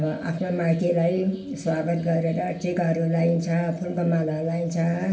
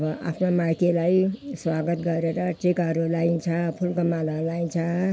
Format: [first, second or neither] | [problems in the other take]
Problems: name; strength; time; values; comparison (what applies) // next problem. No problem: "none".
second | room echo; dies away in 0.8 s